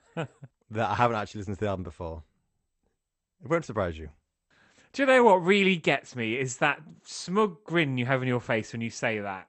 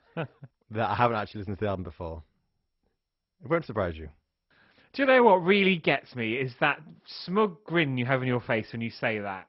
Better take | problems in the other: first | garbled, watery; badly; nothing above 5.5 kHz; slightly in the first

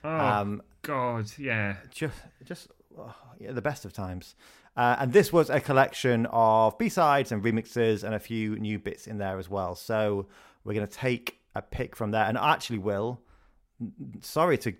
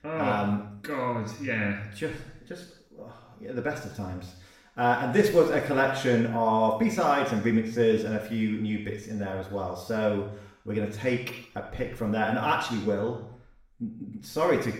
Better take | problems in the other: first | room echo; noticeable; dies away in 0.7 s // off-mic speech; far

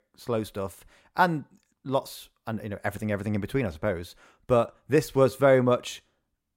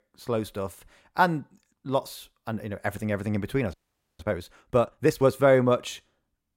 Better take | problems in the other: first | audio freezing; at 3.5 s

